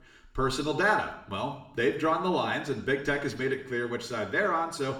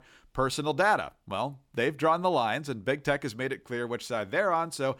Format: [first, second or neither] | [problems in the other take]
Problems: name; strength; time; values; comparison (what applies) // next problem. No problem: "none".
second | room echo; slight; dies away in 0.7 s // off-mic speech; far